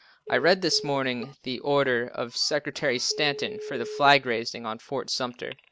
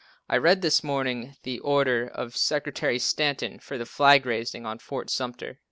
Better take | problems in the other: second | background sound (Telephone); 15 dB below the speech

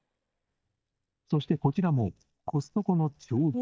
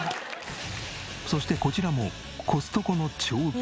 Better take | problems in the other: second | noise reduction (neural mask model DeepFilterNet 3)

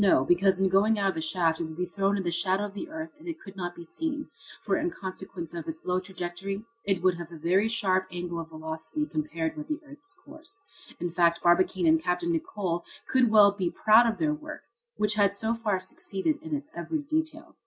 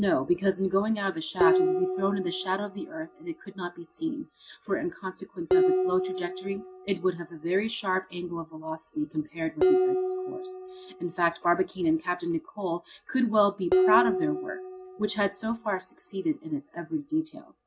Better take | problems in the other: first | background sound (Dishes, pots, and pans); 2 dB below the speech

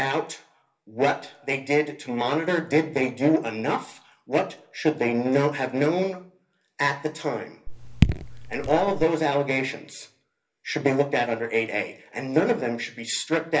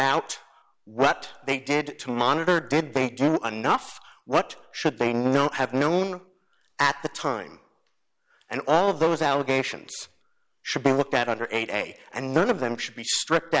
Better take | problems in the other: second | background sound (Raindrop / Drip); as loud as the speech // room echo; dies away in 0.3 s

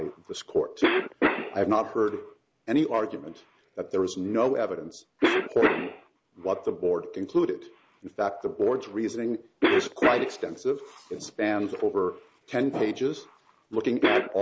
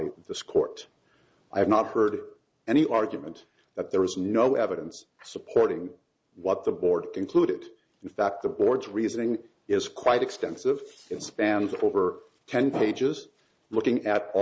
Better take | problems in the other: second | background sound (Cough); 3 dB below the speech

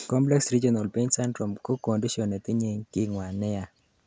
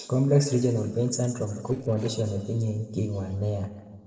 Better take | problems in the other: first | noise reduction (neural separator model SepFormer DNS4)

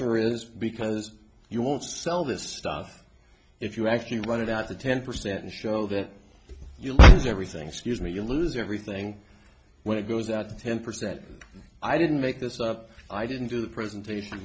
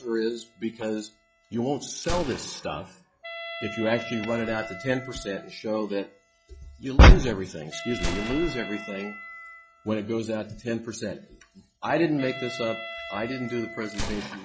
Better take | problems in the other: first | noise reduction (classical method log-MMSE)

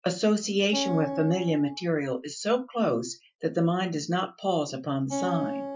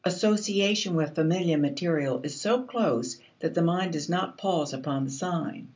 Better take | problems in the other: second | noise reduction (classical method Wiener filter)

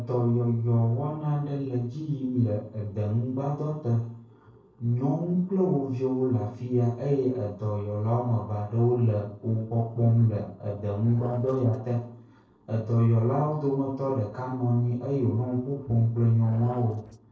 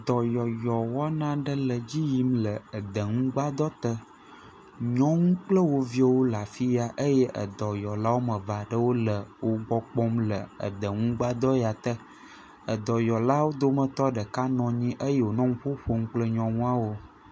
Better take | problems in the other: second | noise reduction (neural separator model SepFormer DNS4)

